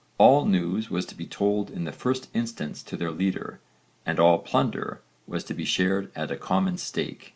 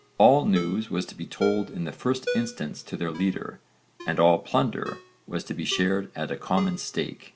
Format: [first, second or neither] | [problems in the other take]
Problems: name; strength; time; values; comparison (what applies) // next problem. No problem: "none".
first | background sound (Ringtone); 14 dB below the speech